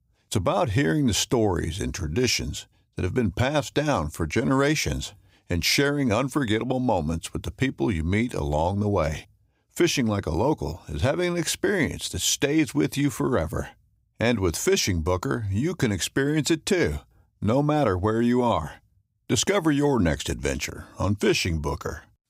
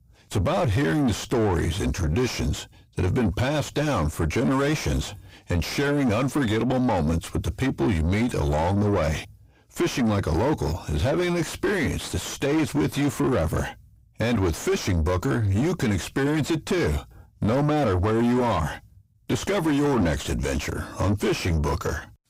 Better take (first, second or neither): first